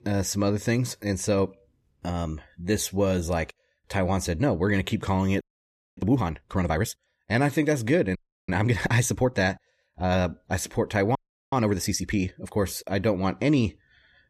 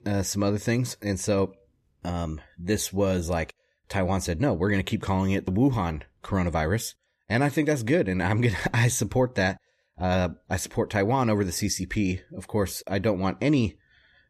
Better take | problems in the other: second | audio freezing; at 5.5 s for 0.5 s, at 8 s and at 11 s

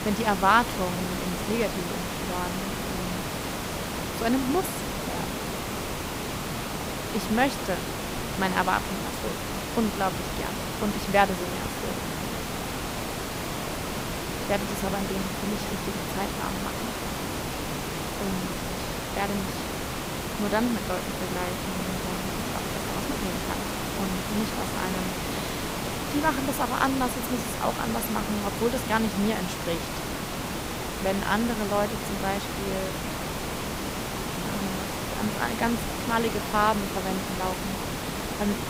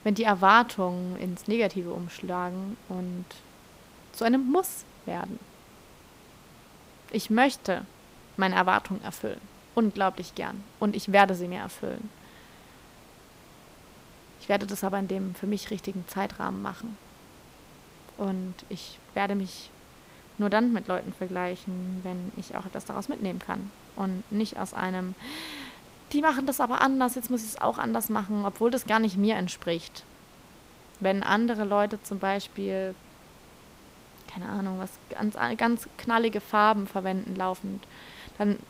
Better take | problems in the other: second | hiss; loud; throughout; 1 dB below the speech; faint in the second

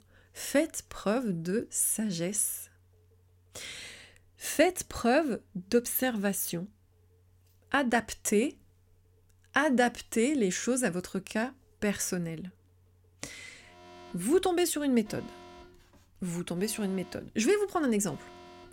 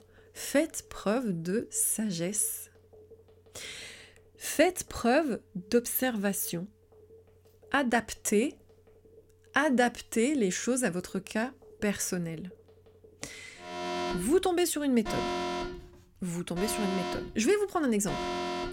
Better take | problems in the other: first | alarms or sirens; loud; throughout; 6 dB below the speech; faint in the first

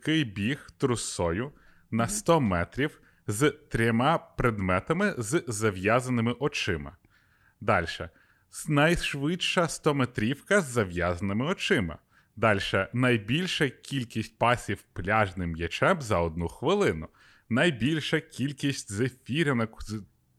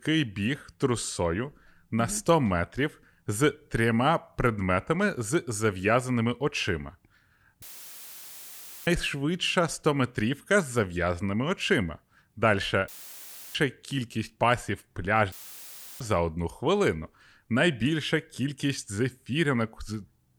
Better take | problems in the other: first | audio cutting out; filled with static; at 7.5 s for 1 s, at 13 s for 0.5 s and at 15 s for 0.5 s

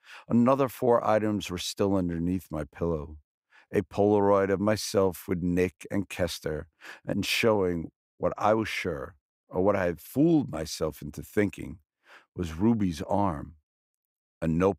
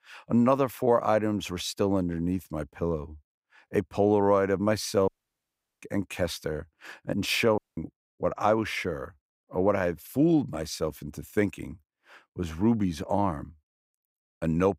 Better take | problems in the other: first | audio cutting out; at 5 s for 0.5 s and at 7.5 s

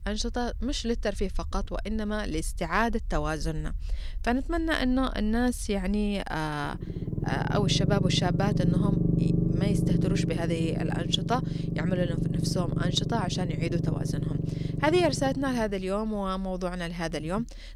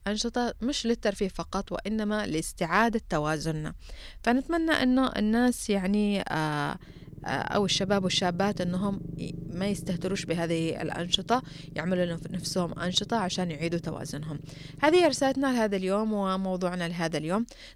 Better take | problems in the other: second | low rumble; loud; throughout; 6 dB below the speech; faint in the second

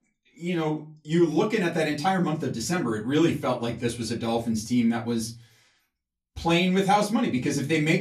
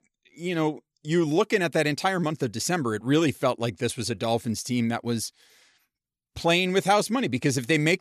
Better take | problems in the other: second | off-mic speech; far // room echo; very slight; dies away in 0.3 s

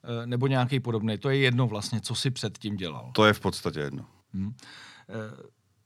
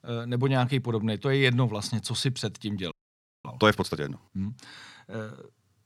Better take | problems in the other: first | audio freezing; at 3 s for 0.5 s

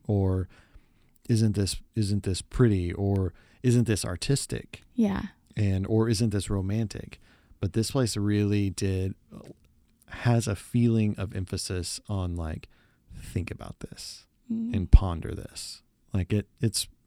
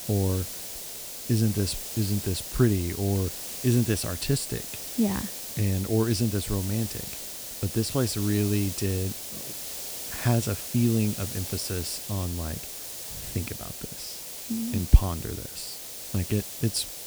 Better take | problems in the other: first | hiss; loud; throughout; 6 dB below the speech

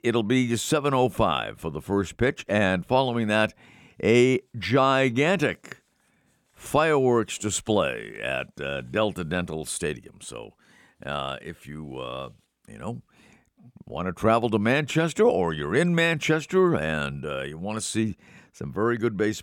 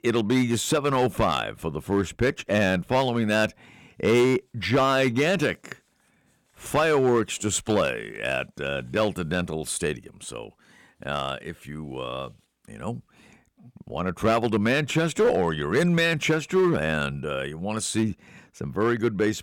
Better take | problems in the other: first | distortion; slight; 4% of the sound clipped

